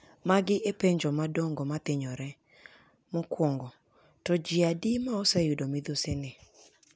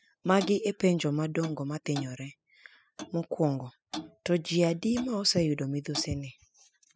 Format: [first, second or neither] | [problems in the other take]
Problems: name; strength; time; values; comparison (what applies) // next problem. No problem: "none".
first | noise reduction (classical method spectral subtraction)